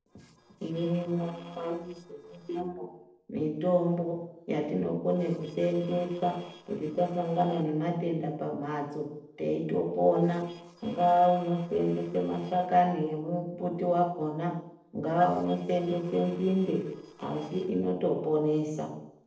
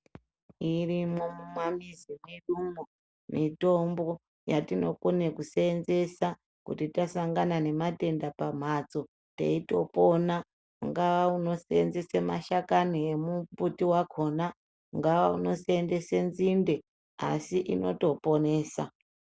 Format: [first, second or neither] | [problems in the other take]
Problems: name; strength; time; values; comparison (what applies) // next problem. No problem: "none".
second | noise reduction (neural separator model SepFormer DNS4)